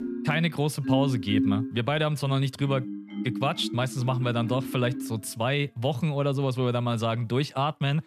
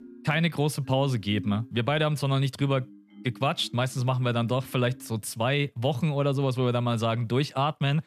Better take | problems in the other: second | background music; loud; throughout; 6 dB below the speech; faint in the second

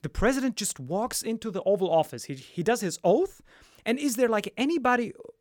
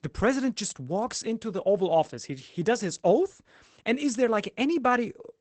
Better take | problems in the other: first | garbled, watery; badly; nothing above 8 kHz

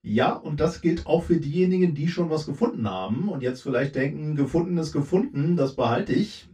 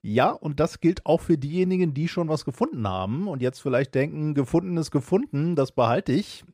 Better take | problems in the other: second | room echo; slight; dies away in 0.2 s // off-mic speech; far

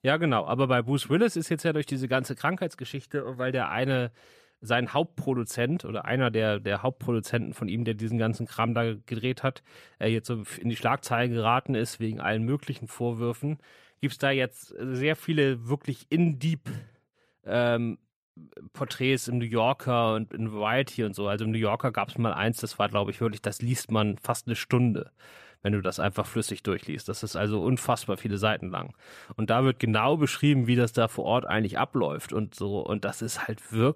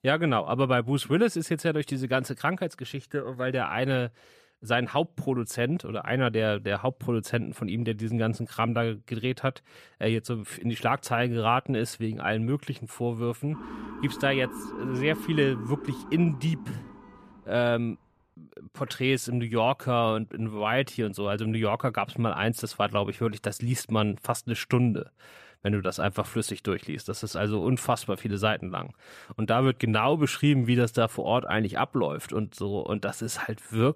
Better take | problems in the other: first | siren; noticeable; from 14 to 17 s; peak 8 dB below the speech

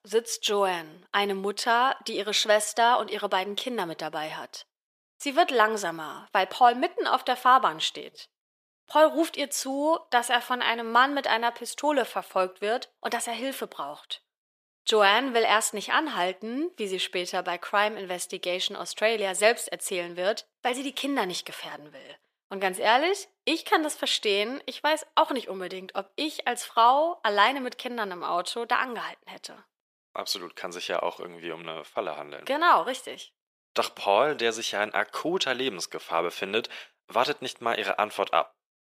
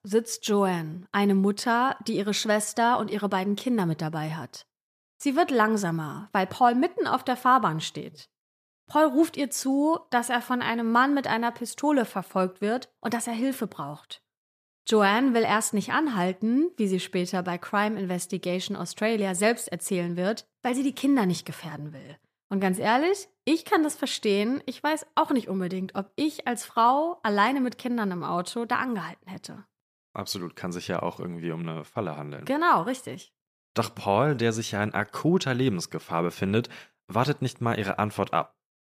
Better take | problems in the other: second | thin; somewhat; fading below 500 Hz

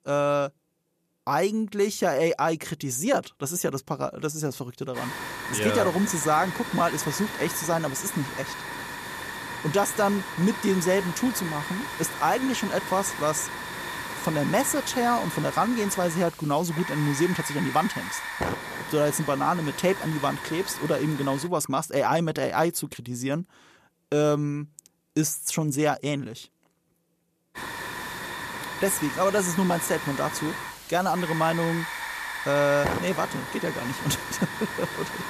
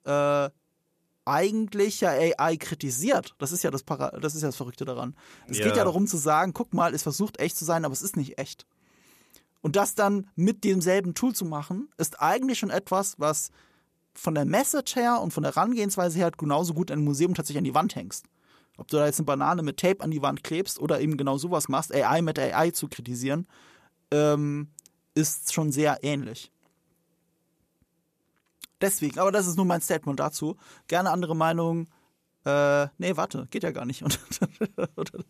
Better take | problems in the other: second | hiss; loud; from 5 to 21 s and from 28 s on; 7 dB below the speech

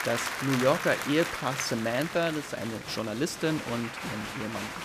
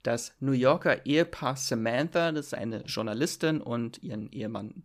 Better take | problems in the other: second | crowd noise; loud; throughout; 5 dB below the speech

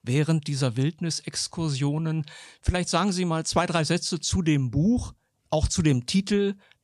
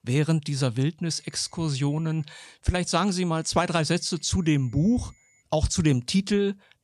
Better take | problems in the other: first | high-pitched whine; faint; from 1 to 2 s and from 3.5 to 5.5 s; 7 kHz, 35 dB below the speech

